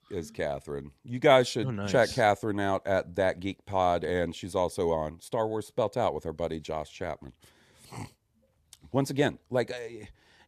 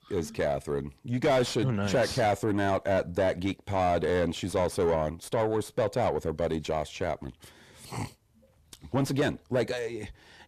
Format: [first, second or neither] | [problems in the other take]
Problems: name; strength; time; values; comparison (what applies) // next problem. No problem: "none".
first | distortion; heavy; 6 dB below the speech